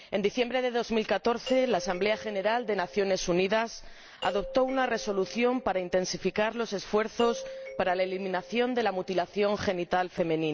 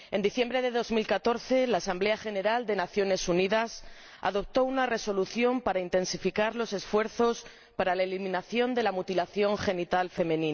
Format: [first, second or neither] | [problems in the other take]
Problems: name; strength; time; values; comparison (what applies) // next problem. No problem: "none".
second | background sound (Doorbell); 14 dB below the speech